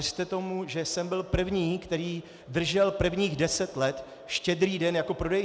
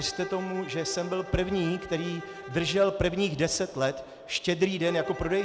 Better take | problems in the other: first | background sound (Bowed string instrument); 13 dB below the speech

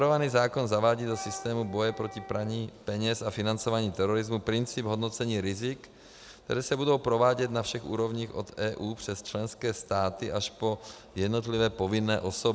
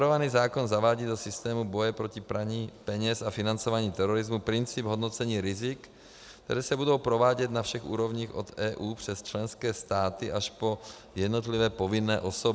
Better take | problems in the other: second | background sound (Wind instrument, woodwind instrument); 17 dB below the speech

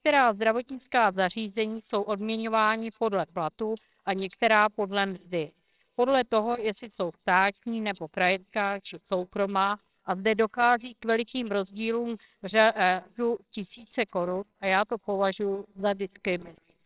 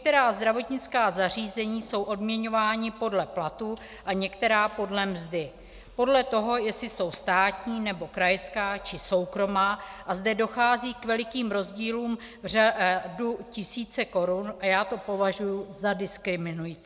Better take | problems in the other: second | noise reduction (neural separator model SepFormer WHAMR!)

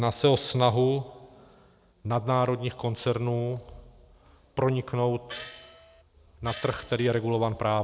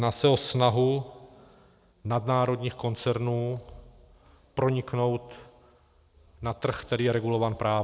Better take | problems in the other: second | background sound (Gong); 16 dB below the speech

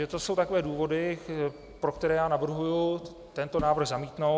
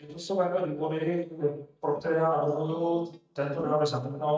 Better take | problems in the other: first | noise reduction (neural mask model DeepFilterNet 3)

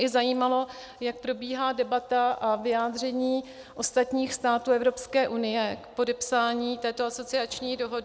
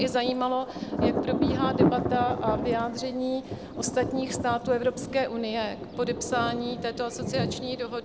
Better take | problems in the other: first | background sound (Thunder); 1 dB below the speech

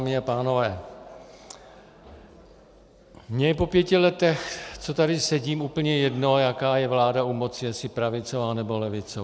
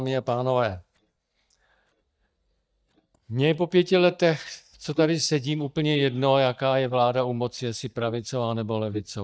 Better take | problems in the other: first | noise reduction (neural mask model DeepFilterNet 3)

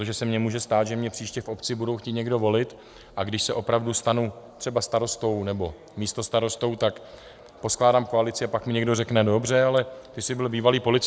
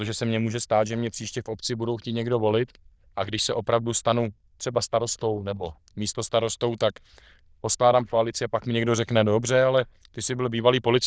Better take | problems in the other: first | noise reduction (neural diffusion model UNIVERSE++)

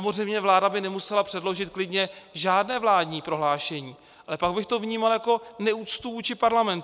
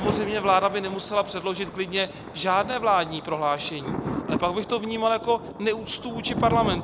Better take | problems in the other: first | background sound (Thunder); 7 dB below the speech

